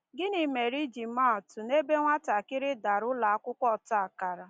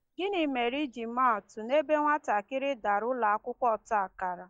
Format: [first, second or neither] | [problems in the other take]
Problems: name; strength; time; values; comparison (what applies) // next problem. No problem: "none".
first | noise reduction (neural mask model DeepFilterNet 3)